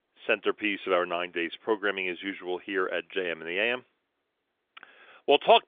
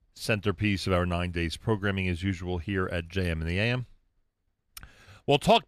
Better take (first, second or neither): second